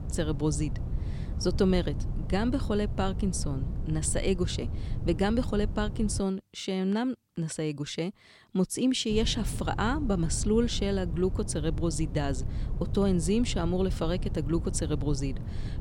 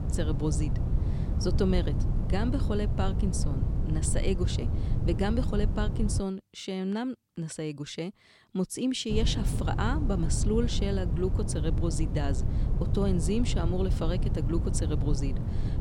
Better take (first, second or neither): first